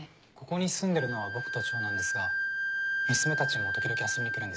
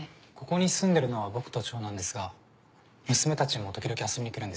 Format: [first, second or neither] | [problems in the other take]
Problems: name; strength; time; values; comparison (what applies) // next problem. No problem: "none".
second | background sound (Wind instrument, woodwind instrument); 2 dB above the speech